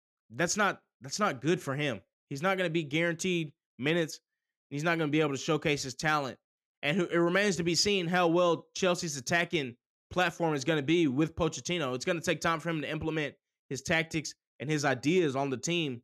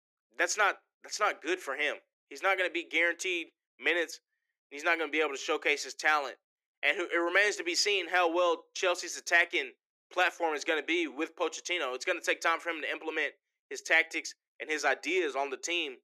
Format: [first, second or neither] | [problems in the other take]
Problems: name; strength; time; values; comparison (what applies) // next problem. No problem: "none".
first | thin; very; fading below 350 Hz